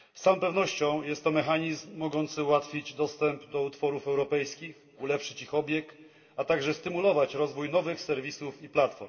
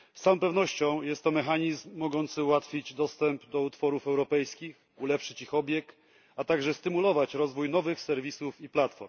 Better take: second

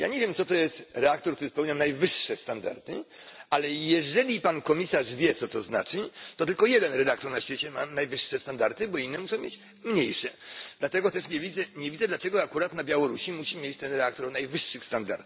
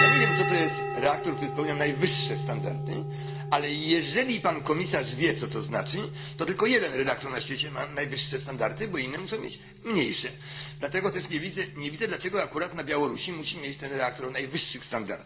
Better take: first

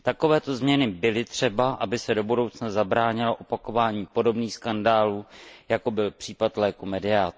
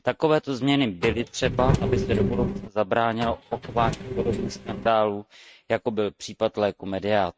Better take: first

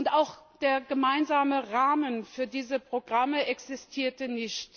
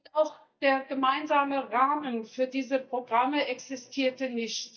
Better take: first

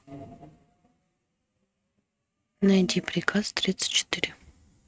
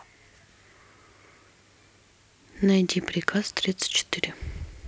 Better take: second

